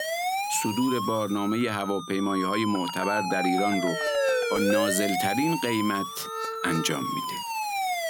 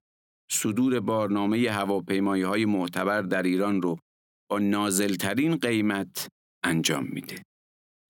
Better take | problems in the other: second | siren; loud; peak 4 dB above the speech

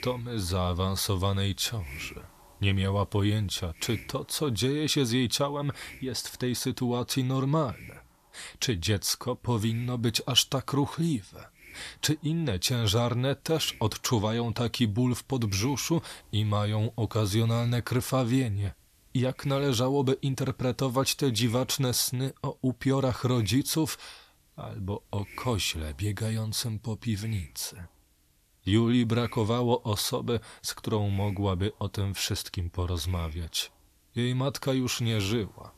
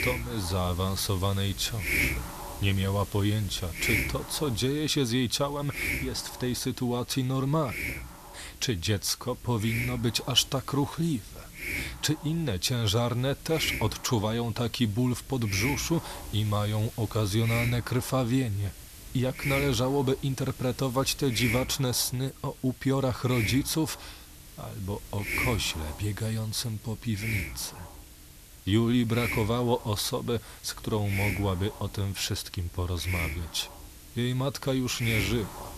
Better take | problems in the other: first | hiss; loud; throughout; 6 dB below the speech; faint in the first

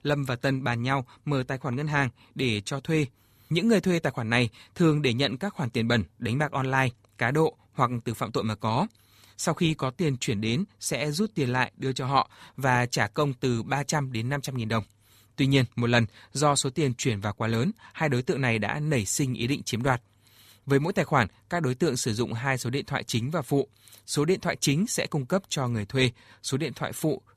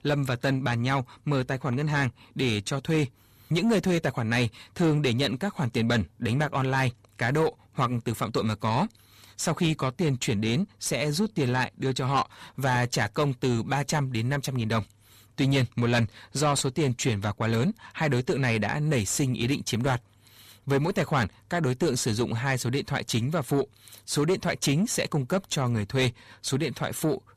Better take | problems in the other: first | distortion; slight; 10 dB below the speech

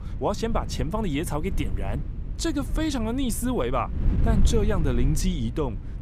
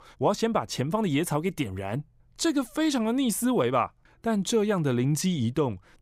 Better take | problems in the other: second | wind noise on the microphone; occasional gusts; 15 dB below the speech

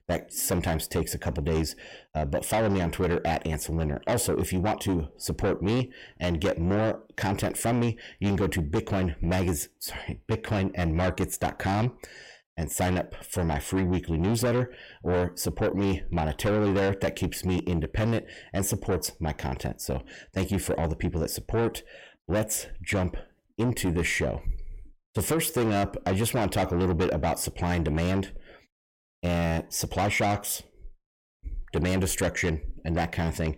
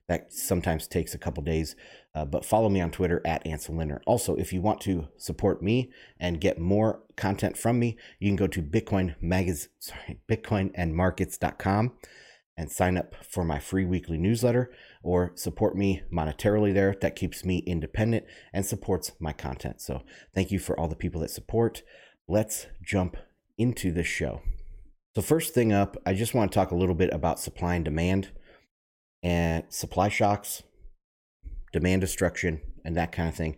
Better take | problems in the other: second | distortion; heavy; 8 dB below the speech

